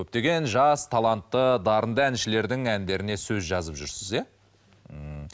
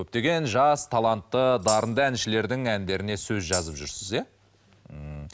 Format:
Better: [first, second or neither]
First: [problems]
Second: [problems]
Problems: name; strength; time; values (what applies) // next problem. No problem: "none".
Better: first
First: none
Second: background sound (Tambourine); 10 dB below the speech